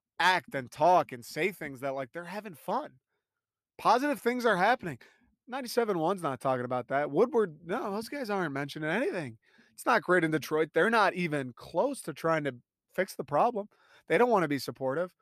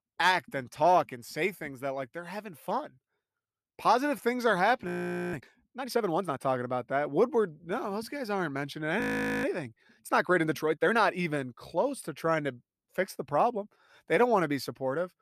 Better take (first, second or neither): first